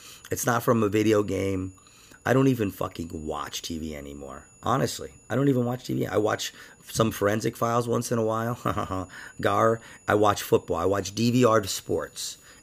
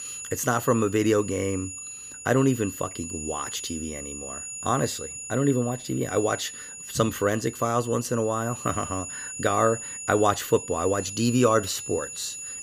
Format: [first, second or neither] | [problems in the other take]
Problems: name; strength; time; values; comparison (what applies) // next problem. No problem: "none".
first | high-pitched whine; loud; throughout; 7 kHz, 9 dB below the speech; faint in the first